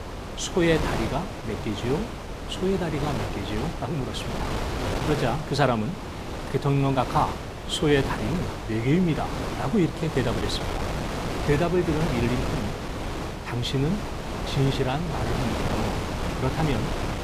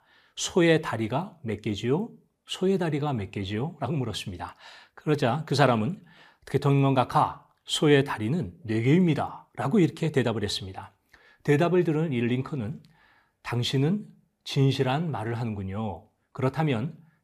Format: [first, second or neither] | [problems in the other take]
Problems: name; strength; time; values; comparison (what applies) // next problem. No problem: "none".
second | wind noise on the microphone; heavy; 3 dB below the speech